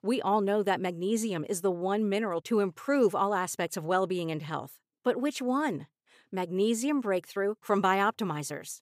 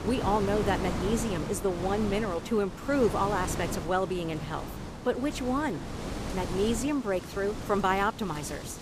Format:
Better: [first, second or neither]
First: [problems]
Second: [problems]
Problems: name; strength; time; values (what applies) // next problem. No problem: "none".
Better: first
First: none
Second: wind noise on the microphone; heavy; 9 dB below the speech